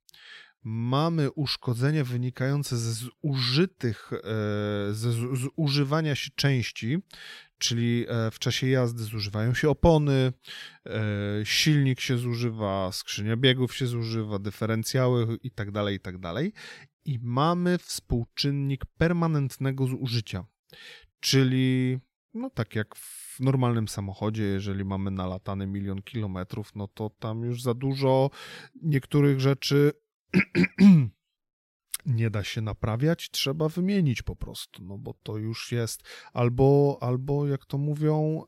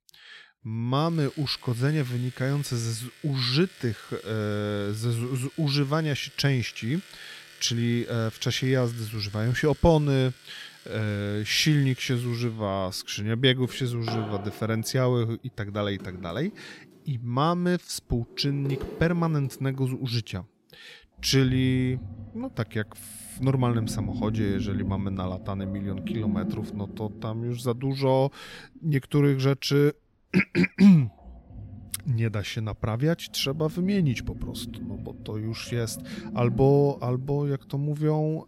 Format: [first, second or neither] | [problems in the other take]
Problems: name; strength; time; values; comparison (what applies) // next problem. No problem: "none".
first | household noises; noticeable; throughout; 15 dB below the speech